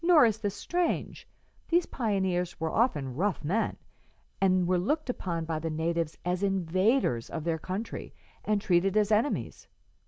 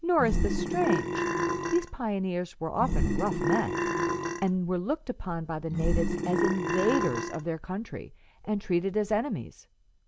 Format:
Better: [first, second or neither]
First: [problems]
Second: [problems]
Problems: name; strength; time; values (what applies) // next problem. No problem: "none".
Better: first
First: none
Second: background sound (Burping, eructation); 2 dB above the speech